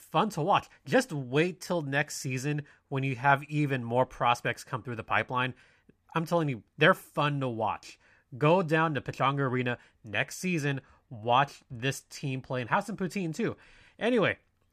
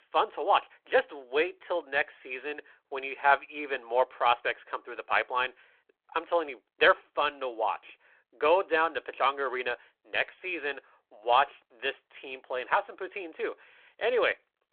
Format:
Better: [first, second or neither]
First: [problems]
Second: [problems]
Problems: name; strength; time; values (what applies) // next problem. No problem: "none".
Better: first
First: none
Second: phone-call audio